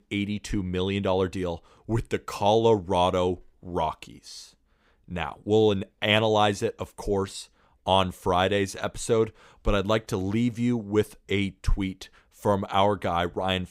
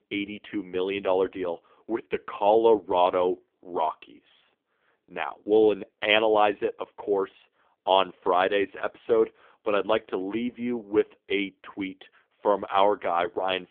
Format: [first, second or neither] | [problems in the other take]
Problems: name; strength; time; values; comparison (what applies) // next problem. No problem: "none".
first | phone-call audio; poor line; nothing above 3.5 kHz